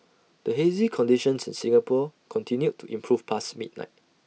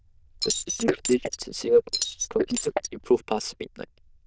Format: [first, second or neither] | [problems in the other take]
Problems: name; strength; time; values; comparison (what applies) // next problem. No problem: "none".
first | noise reduction (neural diffusion model UNIVERSE++)